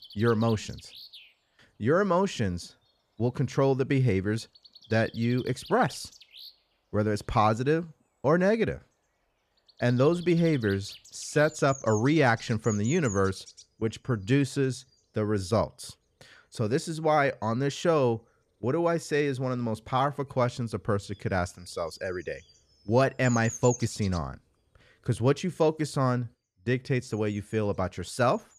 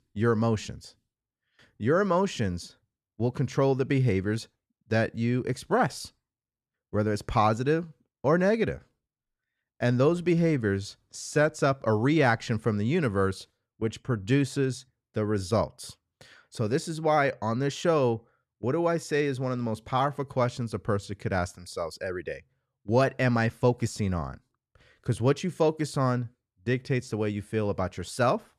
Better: second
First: animal sounds; noticeable; throughout; 15 dB below the speech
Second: none

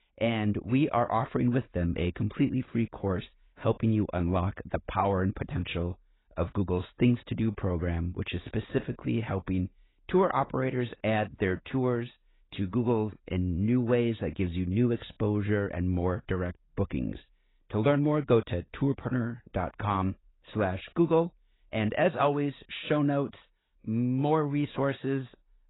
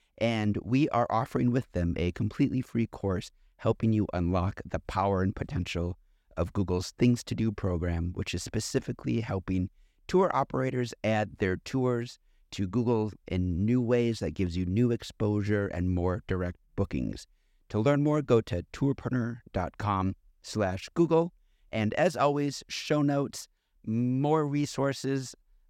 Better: second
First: garbled, watery; badly; nothing above 4 kHz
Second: none

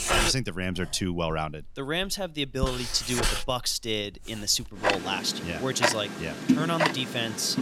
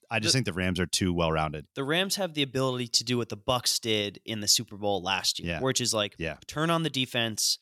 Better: second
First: household noises; very loud; throughout; as loud as the speech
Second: none

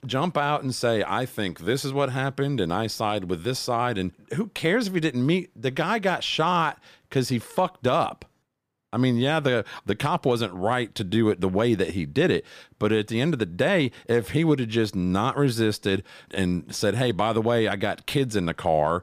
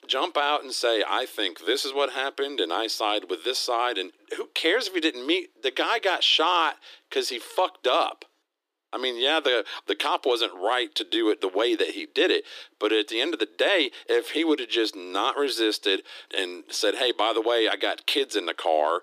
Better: first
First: none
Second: thin; very; fading below 300 Hz

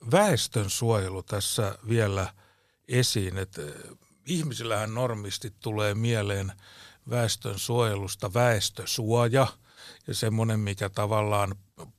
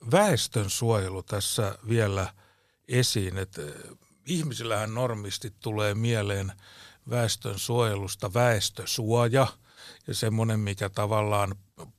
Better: neither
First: none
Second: none

